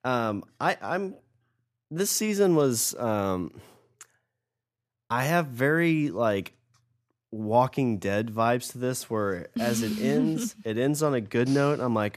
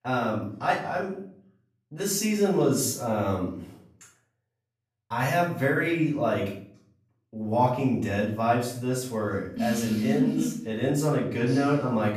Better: first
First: none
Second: off-mic speech; far // room echo; noticeable; dies away in 0.5 s

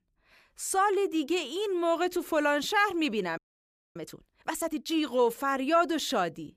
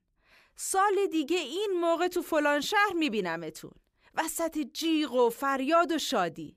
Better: second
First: audio freezing; at 3.5 s for 0.5 s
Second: none

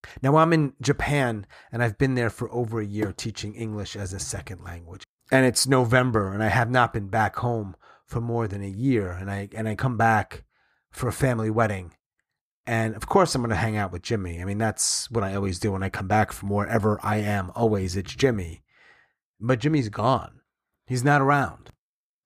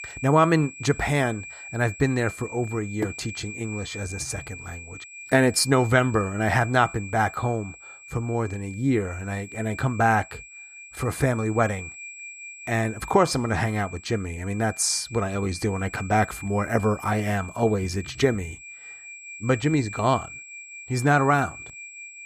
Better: first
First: none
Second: high-pitched whine; noticeable; throughout; 2.5 kHz, 15 dB below the speech

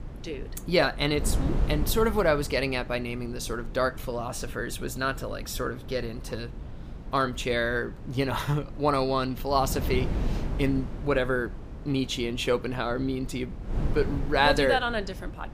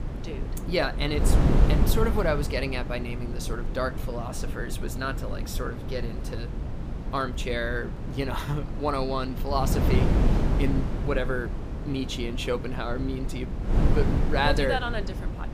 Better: first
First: wind noise on the microphone; occasional gusts; 15 dB below the speech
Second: wind noise on the microphone; heavy; 7 dB below the speech

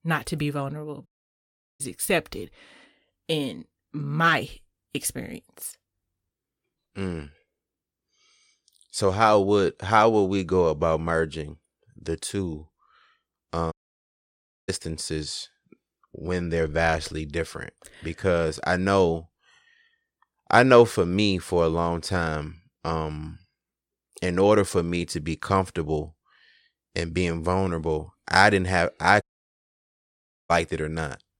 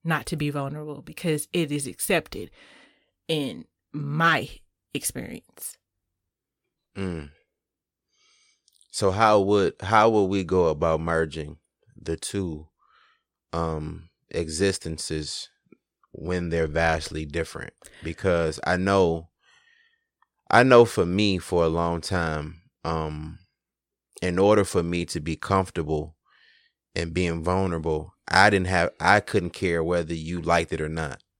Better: second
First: audio cutting out; at 1 s for 0.5 s, at 14 s for 1 s and at 29 s for 1.5 s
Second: none

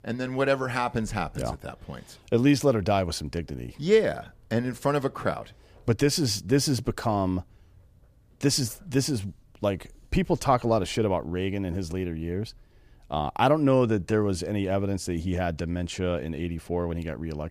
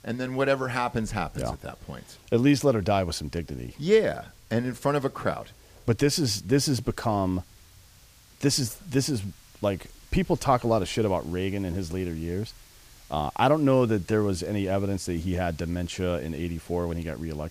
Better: first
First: none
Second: hiss; faint; throughout; 25 dB below the speech

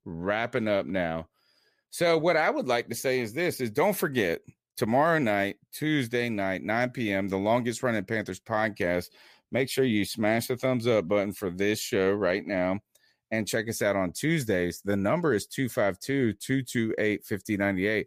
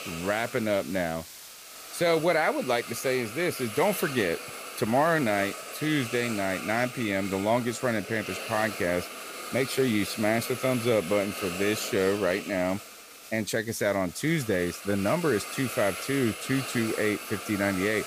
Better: first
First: none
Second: hiss; loud; throughout; 9 dB below the speech

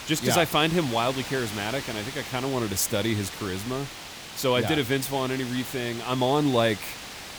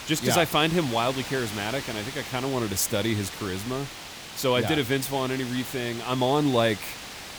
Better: neither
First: hiss; noticeable; throughout; 10 dB below the speech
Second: hiss; noticeable; throughout; 10 dB below the speech

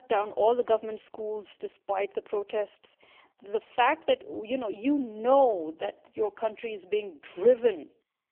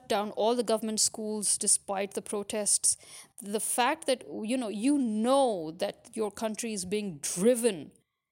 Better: second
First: phone-call audio; poor line; nothing above 3 kHz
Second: none

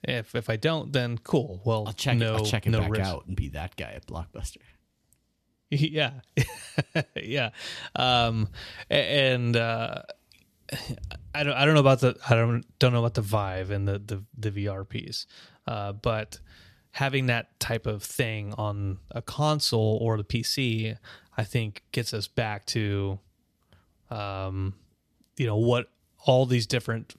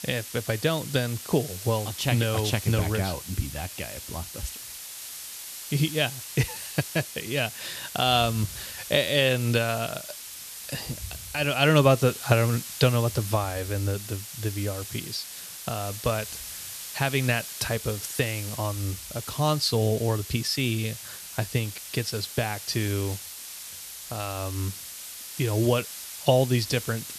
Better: first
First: none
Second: hiss; loud; throughout; 10 dB below the speech

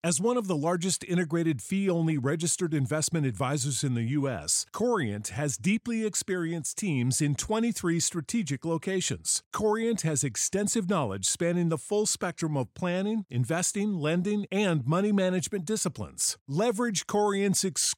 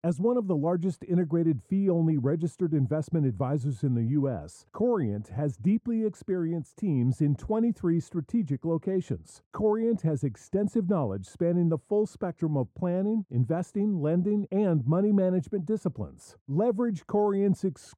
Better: first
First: none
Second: muffled; very; fading above 1.5 kHz

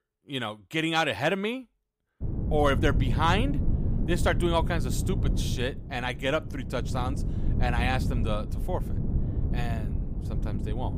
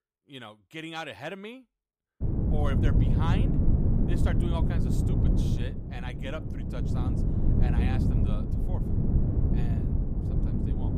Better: first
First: wind noise on the microphone; occasional gusts; from 2 s on; 10 dB below the speech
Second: wind noise on the microphone; heavy; from 2 s on; 2 dB above the speech

